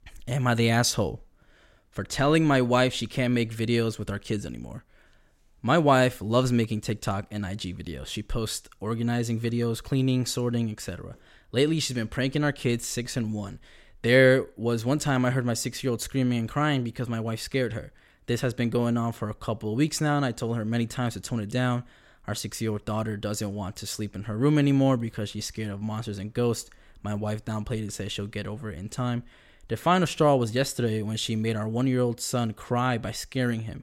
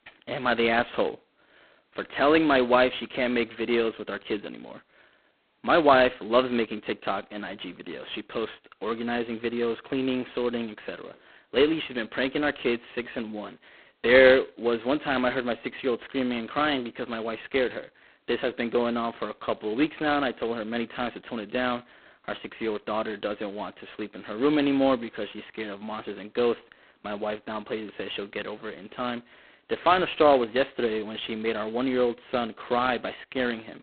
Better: first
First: none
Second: phone-call audio; poor line; nothing above 4 kHz

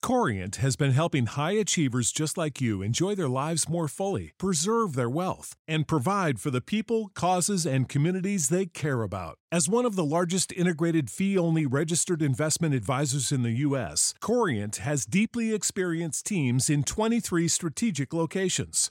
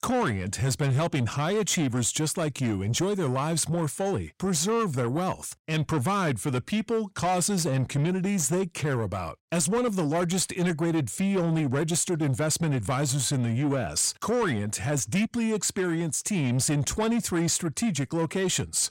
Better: first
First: none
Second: distortion; slight; 10 dB below the speech

